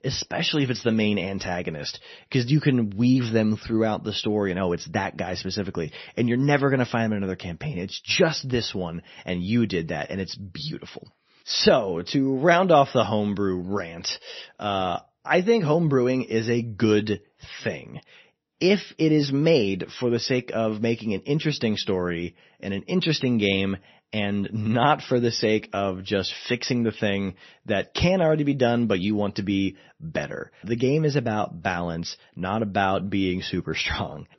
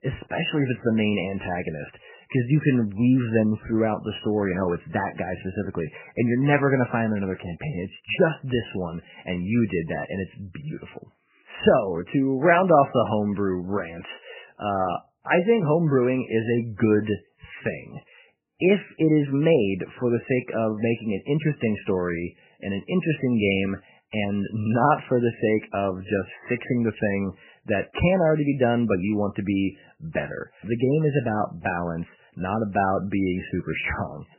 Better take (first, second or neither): first